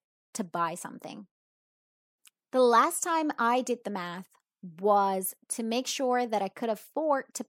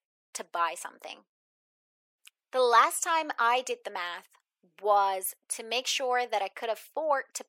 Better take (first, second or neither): first